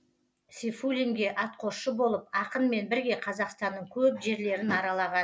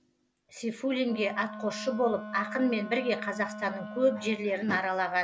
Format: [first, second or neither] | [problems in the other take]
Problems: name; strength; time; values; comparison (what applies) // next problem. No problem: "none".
first | background sound (Wind instrument, woodwind instrument); 12 dB below the speech